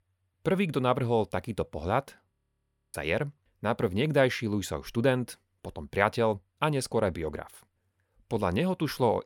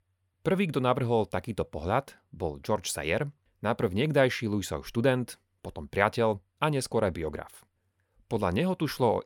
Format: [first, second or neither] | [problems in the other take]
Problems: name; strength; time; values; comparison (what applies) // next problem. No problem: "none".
second | audio freezing; at 2.5 s for 0.5 s